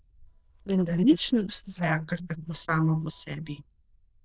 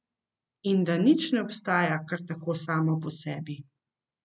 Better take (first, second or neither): second